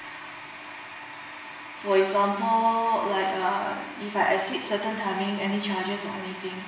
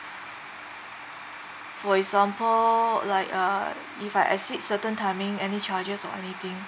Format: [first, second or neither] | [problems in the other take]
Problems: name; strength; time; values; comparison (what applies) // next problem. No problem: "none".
second | room echo; dies away in 0.9 s